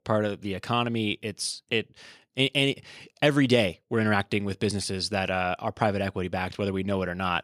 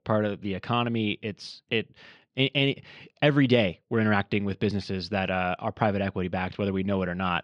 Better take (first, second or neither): first